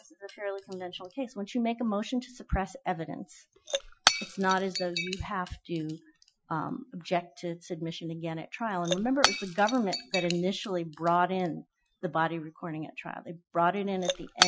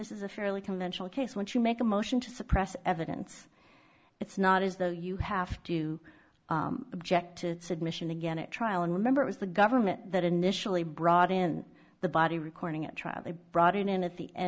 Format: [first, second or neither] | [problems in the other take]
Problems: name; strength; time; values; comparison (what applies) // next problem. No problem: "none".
second | noise reduction (classical method Wiener filter)